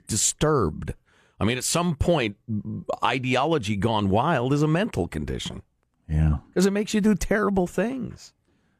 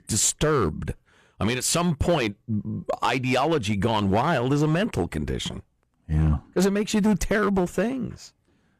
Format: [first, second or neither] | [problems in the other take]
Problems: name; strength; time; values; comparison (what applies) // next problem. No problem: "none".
first | distortion; slight; 6% of the sound clipped